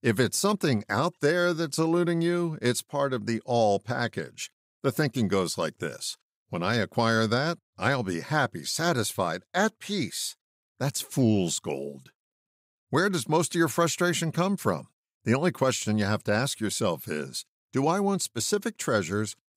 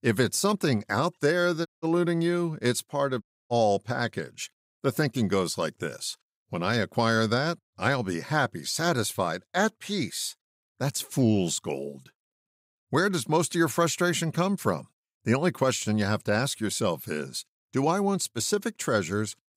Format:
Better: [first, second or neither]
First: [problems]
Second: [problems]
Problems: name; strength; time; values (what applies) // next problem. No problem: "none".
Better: first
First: none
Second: audio cutting out; at 1.5 s and at 3 s